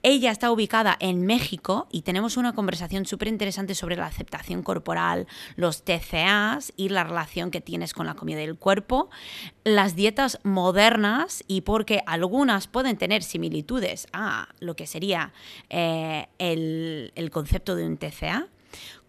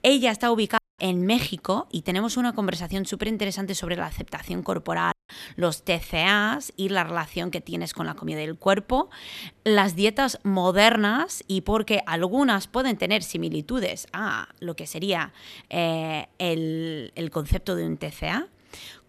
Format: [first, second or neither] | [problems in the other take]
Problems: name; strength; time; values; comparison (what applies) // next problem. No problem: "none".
first | audio cutting out; at 1 s and at 5 s